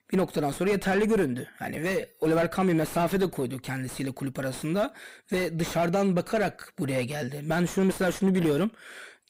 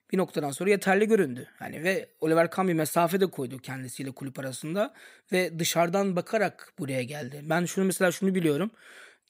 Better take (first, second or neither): second